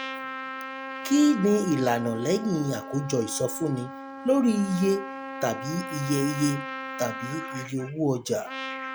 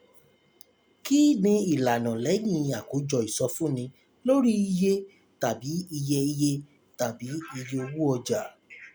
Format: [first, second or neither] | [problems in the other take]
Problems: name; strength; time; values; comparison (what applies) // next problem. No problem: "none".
second | background sound (Trumpet); 10 dB below the speech